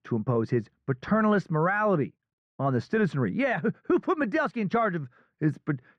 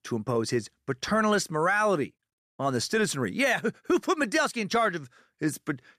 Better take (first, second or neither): second